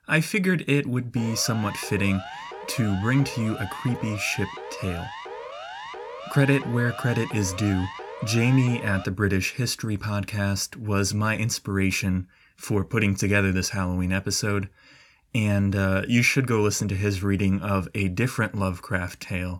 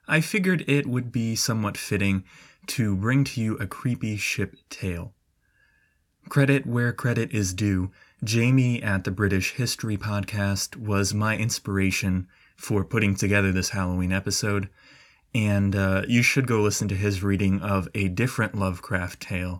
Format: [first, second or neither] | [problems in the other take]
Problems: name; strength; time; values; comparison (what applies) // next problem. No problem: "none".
second | siren; faint; from 1 to 9 s; peak 10 dB below the speech